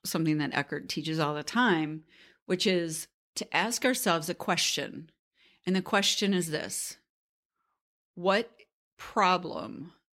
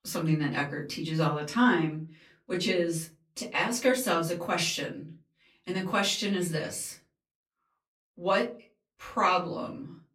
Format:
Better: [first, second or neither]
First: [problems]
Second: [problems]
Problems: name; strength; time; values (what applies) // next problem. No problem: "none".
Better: first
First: none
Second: off-mic speech; far // room echo; very slight; dies away in 0.3 s